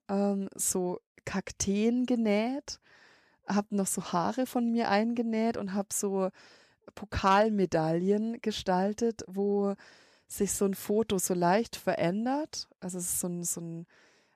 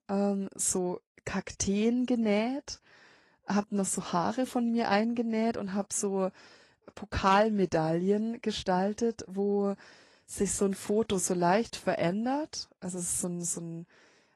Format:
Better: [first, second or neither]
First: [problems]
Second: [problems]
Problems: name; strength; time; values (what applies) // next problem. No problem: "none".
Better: first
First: none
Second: garbled, watery; slightly; nothing above 11 kHz